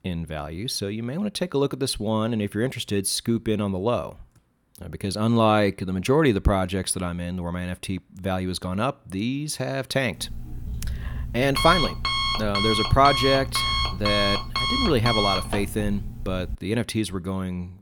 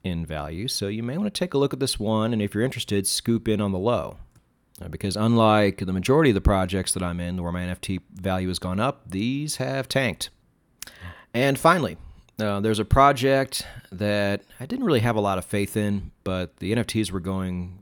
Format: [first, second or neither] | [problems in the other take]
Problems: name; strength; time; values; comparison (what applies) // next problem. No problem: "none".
second | alarm; loud; from 10 to 17 s; peak 2 dB above the speech